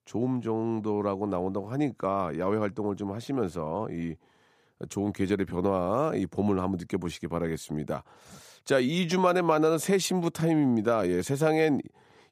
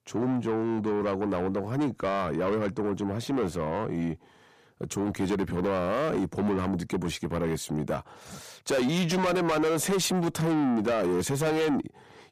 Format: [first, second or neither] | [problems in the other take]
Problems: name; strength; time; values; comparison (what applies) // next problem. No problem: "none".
first | distortion; heavy; 7 dB below the speech